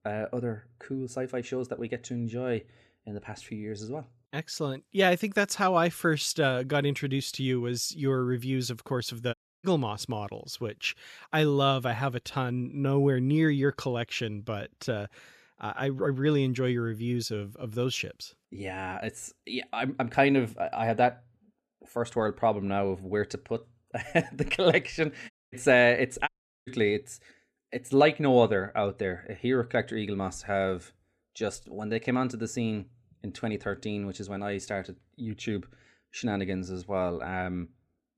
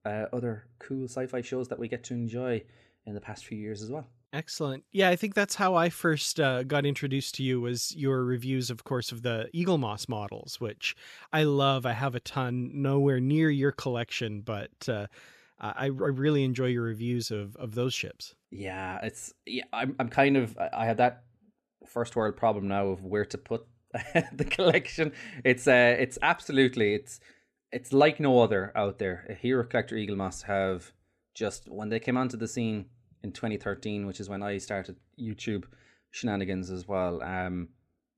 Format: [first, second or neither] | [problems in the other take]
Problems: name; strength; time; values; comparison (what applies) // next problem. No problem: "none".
second | audio cutting out; at 9.5 s, at 25 s and at 26 s